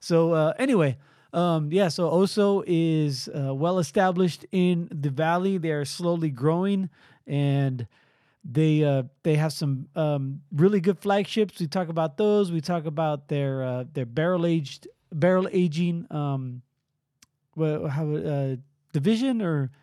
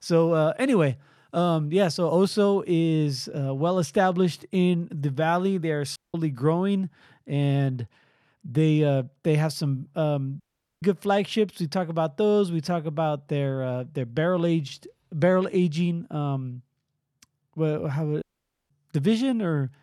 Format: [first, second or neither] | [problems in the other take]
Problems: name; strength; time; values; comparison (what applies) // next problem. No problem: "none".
first | audio cutting out; at 6 s, at 10 s and at 18 s